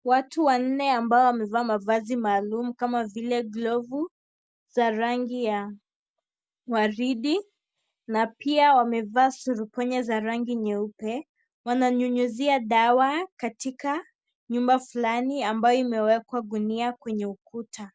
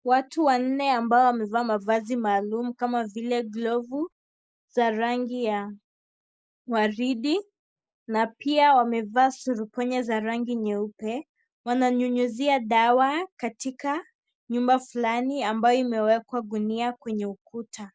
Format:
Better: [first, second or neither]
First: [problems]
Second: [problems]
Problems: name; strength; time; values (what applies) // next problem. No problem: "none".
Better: first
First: none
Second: noise reduction (neural mask model Resemble Enhance denoiser)